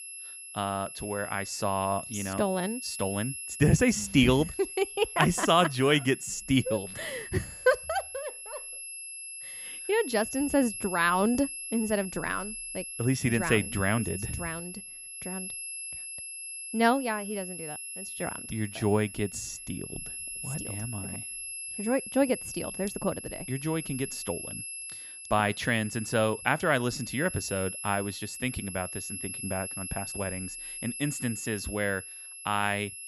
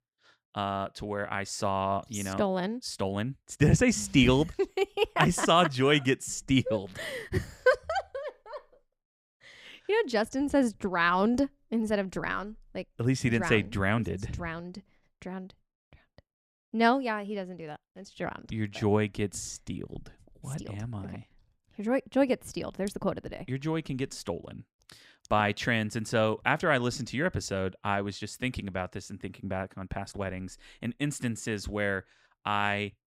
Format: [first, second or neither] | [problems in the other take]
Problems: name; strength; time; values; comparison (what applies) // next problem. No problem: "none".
second | high-pitched whine; loud; throughout; 11 kHz, 8 dB below the speech